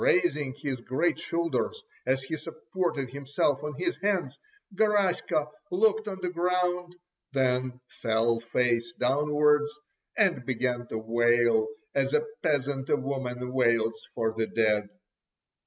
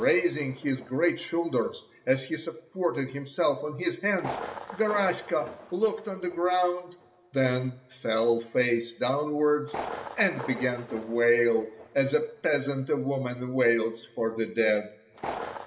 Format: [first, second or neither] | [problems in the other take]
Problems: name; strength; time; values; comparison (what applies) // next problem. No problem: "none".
first | background sound (Thunder); 16 dB below the speech // room echo; dies away in 0.7 s